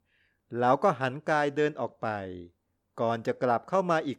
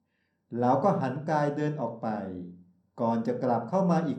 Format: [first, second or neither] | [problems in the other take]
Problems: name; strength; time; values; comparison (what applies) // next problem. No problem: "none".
first | room echo; slight; dies away in 0.5 s // off-mic speech; somewhat distant